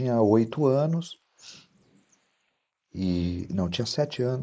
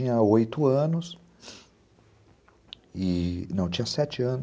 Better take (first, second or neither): second